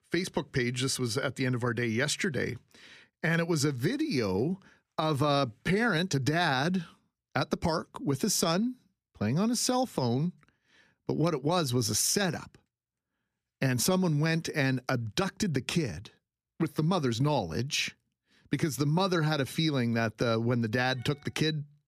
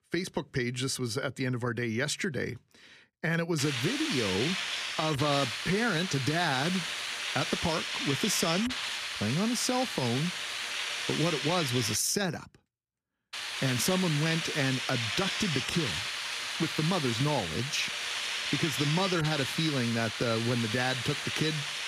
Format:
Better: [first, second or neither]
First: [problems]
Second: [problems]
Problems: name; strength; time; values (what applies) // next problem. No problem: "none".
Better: first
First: none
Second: hiss; loud; from 3.5 to 12 s and from 13 s on; 2 dB below the speech